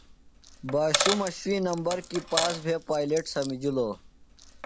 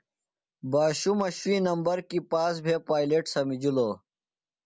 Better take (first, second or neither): second